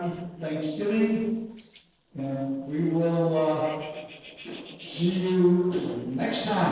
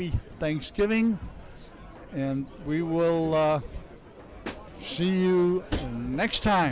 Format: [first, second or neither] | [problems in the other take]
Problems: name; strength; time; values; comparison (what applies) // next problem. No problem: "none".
second | noise reduction (neural separator model SepFormer DNS4)